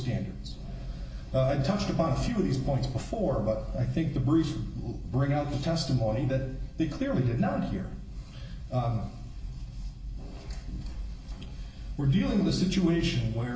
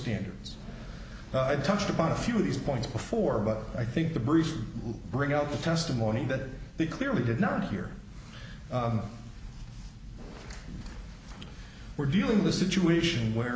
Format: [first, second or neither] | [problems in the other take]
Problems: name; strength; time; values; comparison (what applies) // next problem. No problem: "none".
second | room echo; dies away in 0.1 s